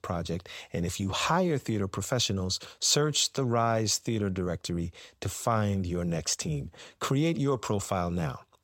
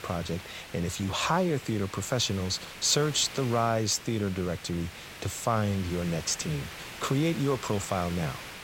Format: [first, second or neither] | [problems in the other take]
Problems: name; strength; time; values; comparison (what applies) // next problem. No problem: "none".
first | hiss; noticeable; throughout; 15 dB below the speech